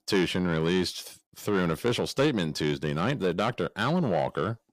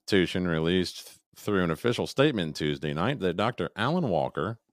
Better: second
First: distortion; slight; 10 dB below the speech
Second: none

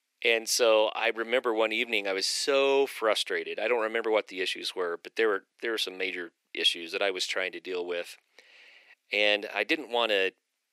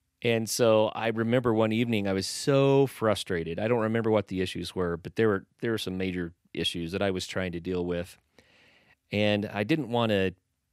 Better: second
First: thin; very; fading below 350 Hz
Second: none

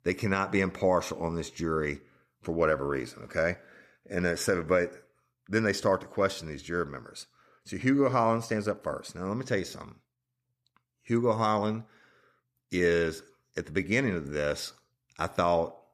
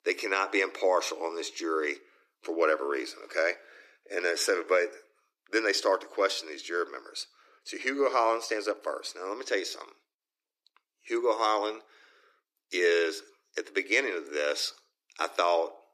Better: first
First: none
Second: thin; very; fading below 300 Hz

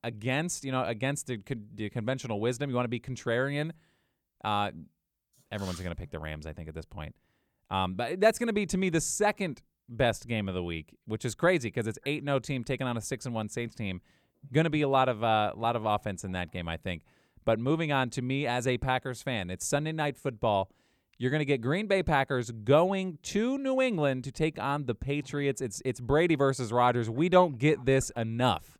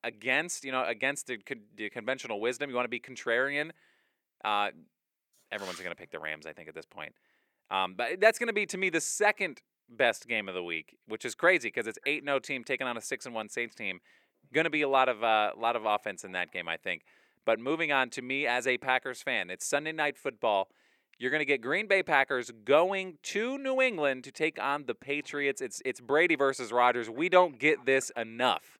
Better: first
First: none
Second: thin; somewhat; fading below 400 Hz

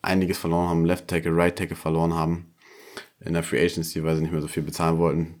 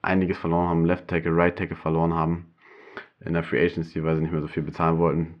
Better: first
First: none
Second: muffled; very; fading above 2.5 kHz

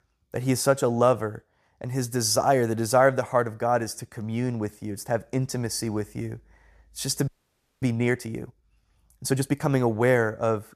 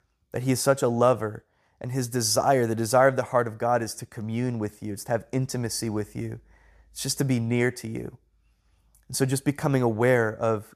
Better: second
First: audio freezing; at 7.5 s for 0.5 s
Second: none

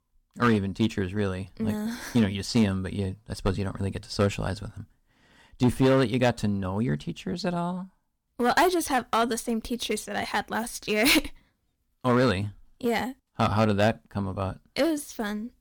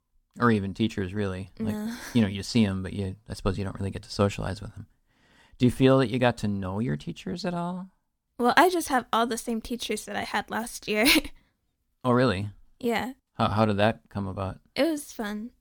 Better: second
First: distortion; slight; 3% of the sound clipped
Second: none

